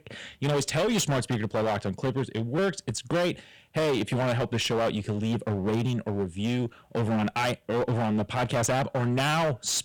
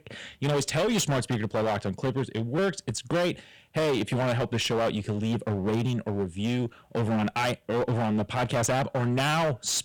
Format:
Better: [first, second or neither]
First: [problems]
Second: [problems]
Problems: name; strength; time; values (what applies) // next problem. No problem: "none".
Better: neither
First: distortion; heavy; 21% of the sound clipped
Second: distortion; heavy; 21% of the sound clipped